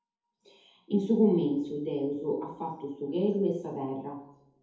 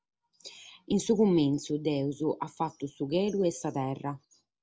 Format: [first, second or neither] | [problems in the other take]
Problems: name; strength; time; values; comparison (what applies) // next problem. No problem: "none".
second | room echo; dies away in 2.1 s